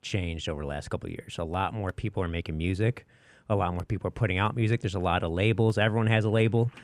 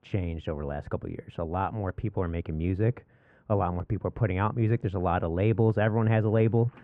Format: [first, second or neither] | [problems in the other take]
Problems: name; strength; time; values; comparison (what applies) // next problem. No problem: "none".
first | muffled; very; fading above 3 kHz